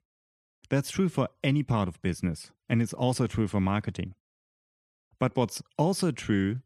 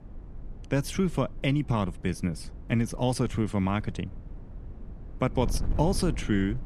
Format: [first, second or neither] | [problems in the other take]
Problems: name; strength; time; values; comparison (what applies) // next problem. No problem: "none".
first | wind noise on the microphone; occasional gusts; 20 dB below the speech